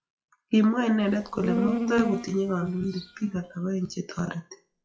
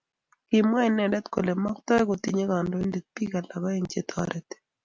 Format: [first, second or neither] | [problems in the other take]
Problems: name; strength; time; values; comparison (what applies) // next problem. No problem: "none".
second | noise reduction (classical method WPE with log-MMSE)